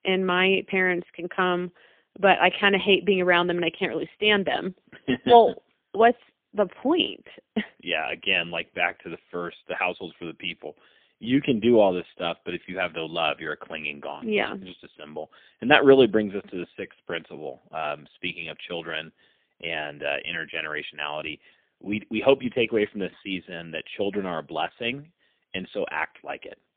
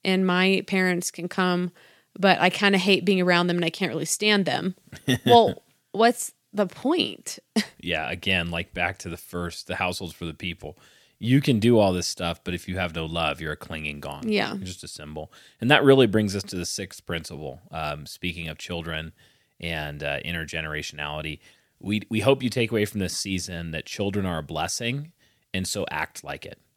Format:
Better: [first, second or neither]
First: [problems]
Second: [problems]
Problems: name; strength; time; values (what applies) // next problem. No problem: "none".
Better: second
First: phone-call audio; poor line; nothing above 3.5 kHz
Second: none